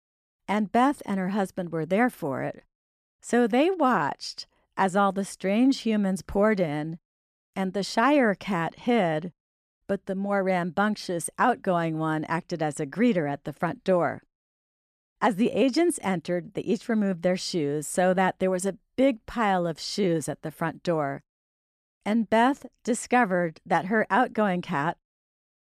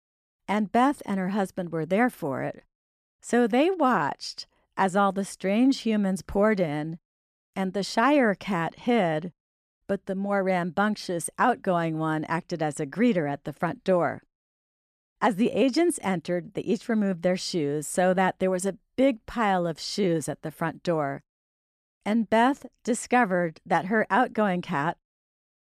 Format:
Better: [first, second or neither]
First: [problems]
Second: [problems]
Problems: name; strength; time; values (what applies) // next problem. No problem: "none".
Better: neither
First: none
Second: none